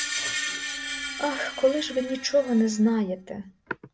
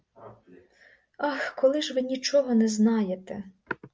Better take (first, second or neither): second